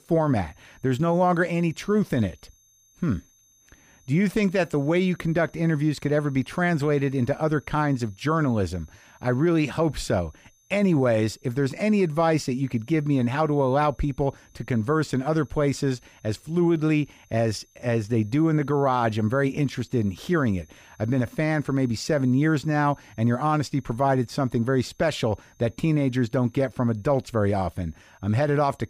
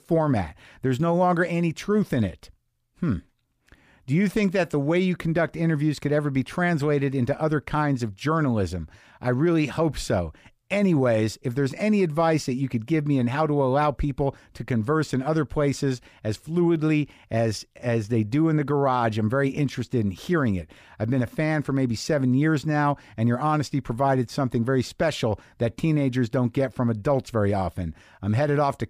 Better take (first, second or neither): second